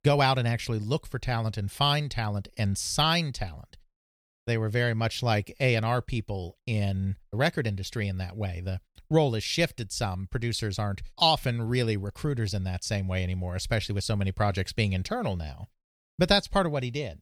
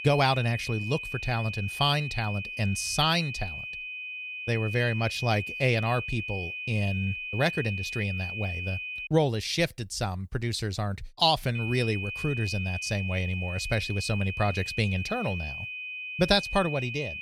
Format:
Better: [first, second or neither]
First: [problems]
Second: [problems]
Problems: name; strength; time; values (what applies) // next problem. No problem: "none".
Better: first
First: none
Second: high-pitched whine; loud; until 9 s and from 12 s on; 2.5 kHz, 6 dB below the speech